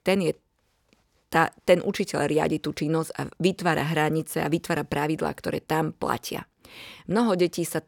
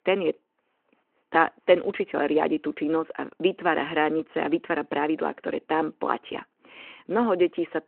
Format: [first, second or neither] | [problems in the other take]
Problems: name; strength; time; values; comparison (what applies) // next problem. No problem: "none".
first | phone-call audio